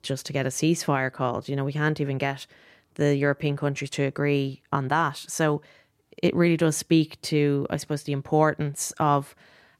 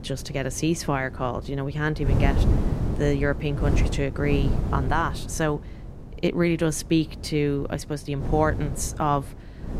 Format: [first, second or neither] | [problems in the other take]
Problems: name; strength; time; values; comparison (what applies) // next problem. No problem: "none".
first | wind noise on the microphone; occasional gusts; 10 dB below the speech